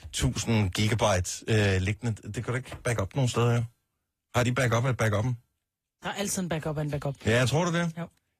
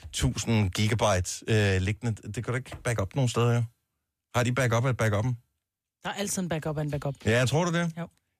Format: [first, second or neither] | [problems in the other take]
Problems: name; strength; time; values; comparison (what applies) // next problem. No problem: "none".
second | garbled, watery; slightly; nothing above 14.5 kHz